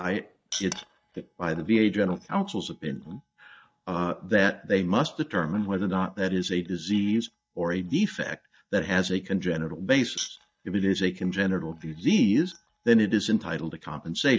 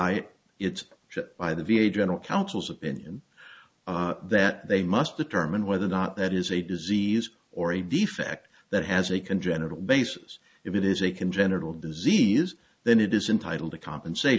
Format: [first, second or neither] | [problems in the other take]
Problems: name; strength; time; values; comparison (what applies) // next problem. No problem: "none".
second | noise reduction (neural mask model DeepFilterNet 3)